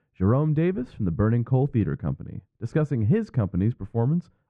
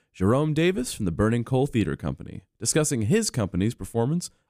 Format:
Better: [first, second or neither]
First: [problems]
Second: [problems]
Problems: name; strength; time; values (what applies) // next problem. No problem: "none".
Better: second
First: muffled; very; fading above 1.5 kHz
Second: none